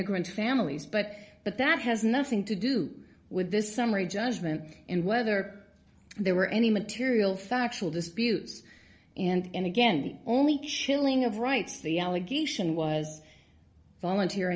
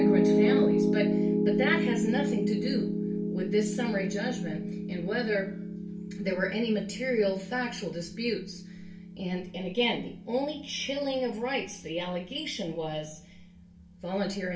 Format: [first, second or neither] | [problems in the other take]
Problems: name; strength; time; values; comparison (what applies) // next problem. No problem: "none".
first | background sound (Piano); 1 dB above the speech // room echo; dies away in 0.3 s